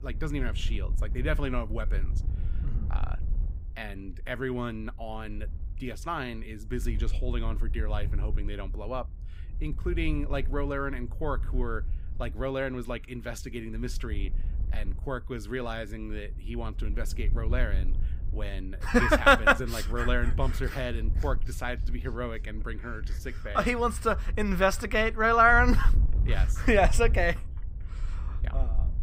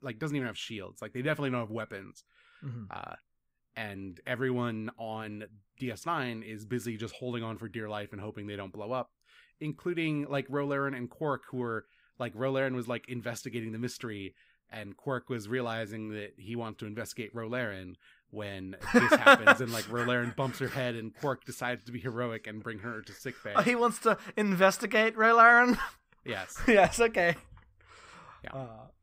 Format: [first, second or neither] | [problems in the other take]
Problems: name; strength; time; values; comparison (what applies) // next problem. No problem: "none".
second | wind noise on the microphone; occasional gusts; 25 dB below the speech